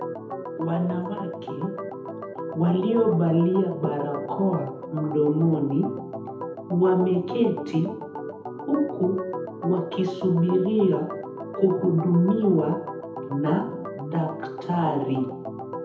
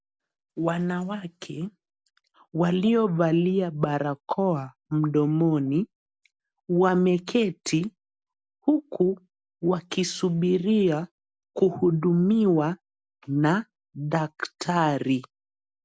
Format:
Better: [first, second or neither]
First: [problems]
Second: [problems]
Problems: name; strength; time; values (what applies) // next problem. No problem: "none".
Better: second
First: background sound (Organ); 9 dB below the speech // room echo; dies away in 0.7 s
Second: none